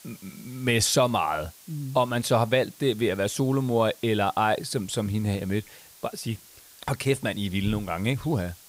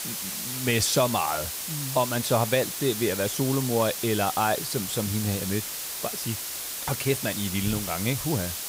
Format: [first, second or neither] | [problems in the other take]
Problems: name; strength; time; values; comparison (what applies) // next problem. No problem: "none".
first | hiss; loud; throughout; 3 dB below the speech; faint in the first